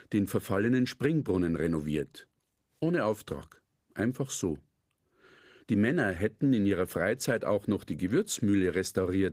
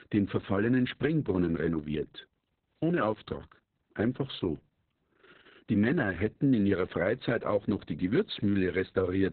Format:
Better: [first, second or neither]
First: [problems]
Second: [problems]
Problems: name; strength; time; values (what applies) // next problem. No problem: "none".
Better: first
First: garbled, watery; slightly; nothing above 15.5 kHz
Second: garbled, watery; badly; nothing above 4 kHz